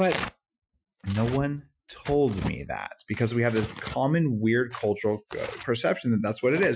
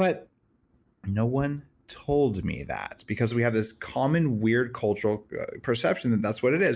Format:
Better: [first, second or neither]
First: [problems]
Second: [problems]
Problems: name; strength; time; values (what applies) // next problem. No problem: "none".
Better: second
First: noise reduction (classical method Wiener filter)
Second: none